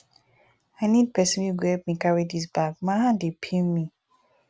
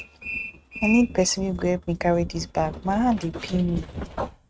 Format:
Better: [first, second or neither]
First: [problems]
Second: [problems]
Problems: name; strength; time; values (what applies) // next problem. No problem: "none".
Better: first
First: none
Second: noise reduction (neural mask model RNNoise)